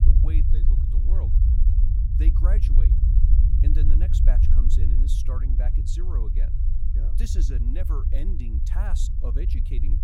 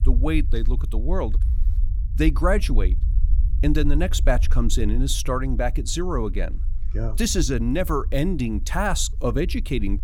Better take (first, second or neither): second